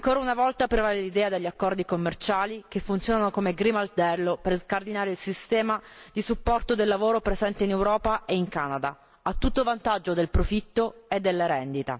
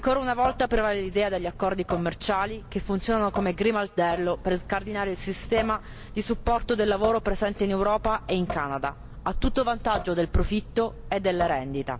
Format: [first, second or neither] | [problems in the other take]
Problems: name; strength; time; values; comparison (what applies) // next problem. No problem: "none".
first | background sound (Drip / Sink (filling or washing) / Water tap, faucet); 12 dB below the speech